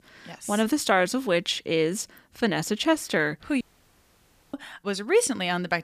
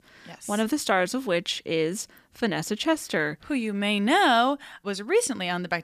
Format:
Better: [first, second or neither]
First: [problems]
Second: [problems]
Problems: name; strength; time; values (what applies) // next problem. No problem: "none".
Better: second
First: audio cutting out; at 3.5 s for 1 s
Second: none